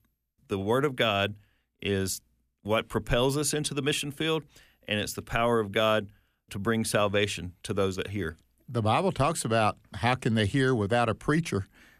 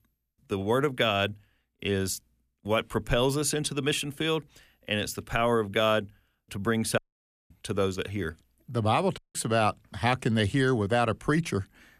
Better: first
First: none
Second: audio cutting out; at 7 s for 0.5 s and at 9 s

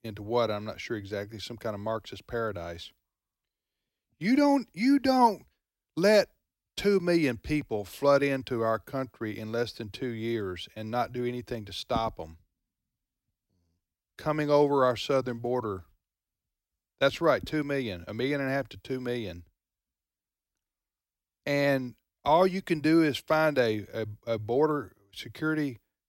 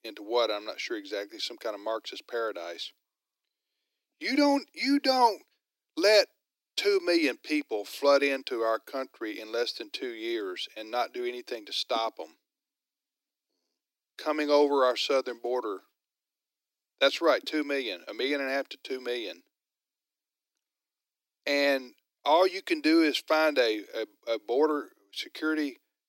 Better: first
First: none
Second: thin; very slightly; fading below 300 Hz

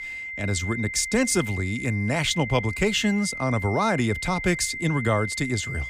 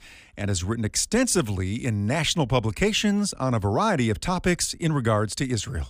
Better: second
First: high-pitched whine; loud; throughout; 2 kHz, 7 dB below the speech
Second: none

